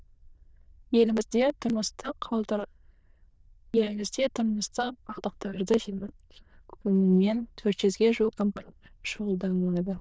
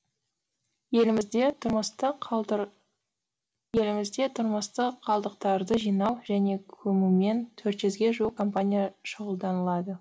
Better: second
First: noise reduction (neural diffusion model UNIVERSE++)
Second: none

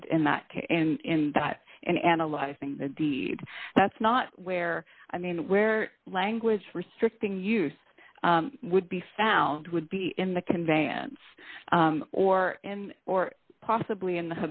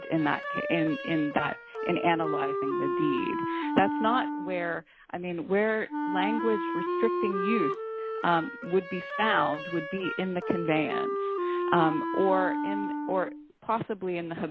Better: first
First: none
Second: background sound (Wind instrument, woodwind instrument); 3 dB below the speech

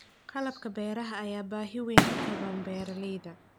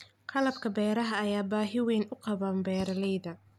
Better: second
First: background sound (Fireworks); 3 dB above the speech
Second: none

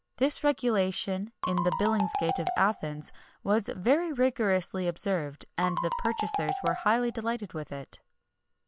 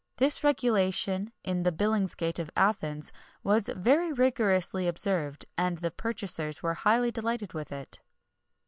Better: second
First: background sound (Marimba, xylophone); 4 dB below the speech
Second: none

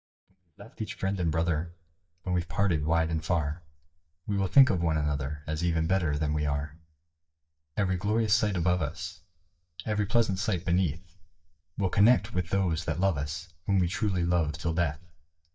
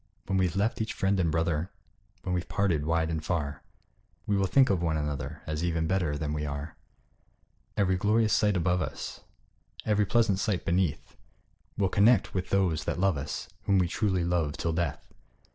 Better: second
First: noise reduction (neural mask model DeepFilterNet 3)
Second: none

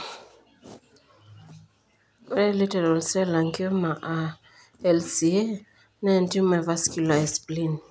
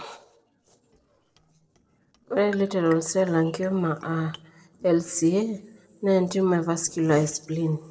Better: first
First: none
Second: noise reduction (neural separator model SepFormer DNS4)

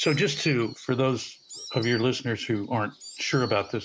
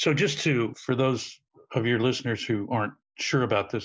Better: second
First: background sound (Insect); 16 dB below the speech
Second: none

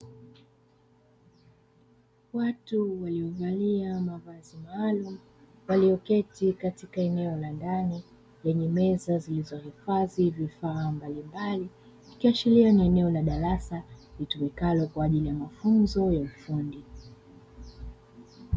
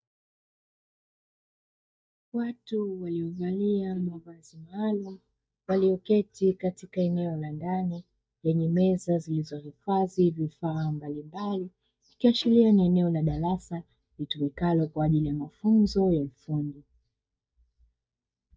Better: first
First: none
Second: noise reduction (neural mask model DeepFilterNet 3)

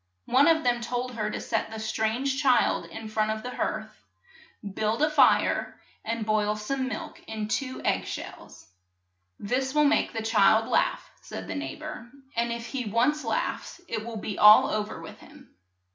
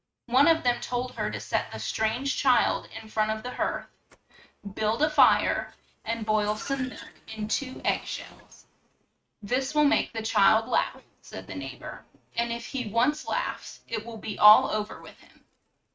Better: first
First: none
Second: noise reduction (neural mask model RNNoise)

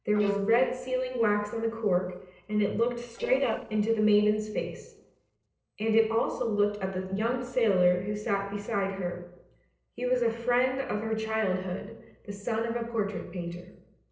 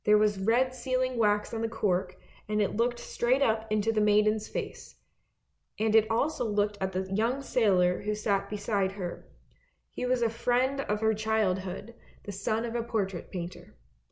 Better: second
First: noise reduction (neural separator model SepFormer DNS4)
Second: none

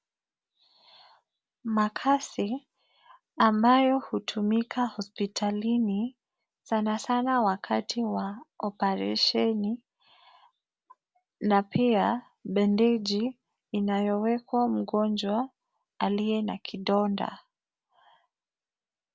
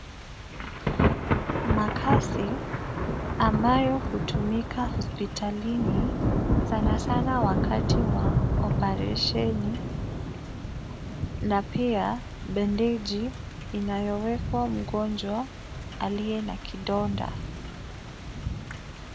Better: first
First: none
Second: background sound (Thunder / Rain); 1 dB above the speech

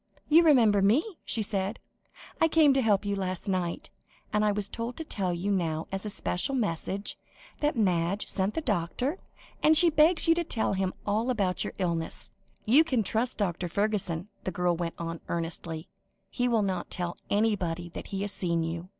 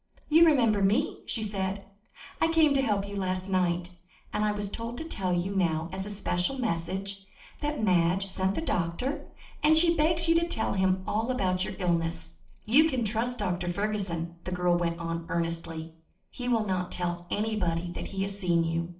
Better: first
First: none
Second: room echo; dies away in 0.4 s

